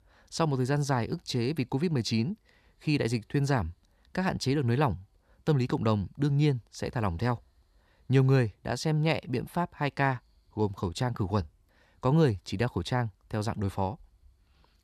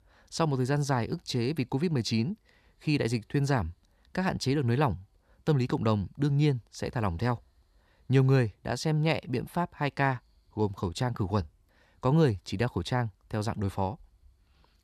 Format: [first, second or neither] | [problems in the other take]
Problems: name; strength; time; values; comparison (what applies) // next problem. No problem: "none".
neither | none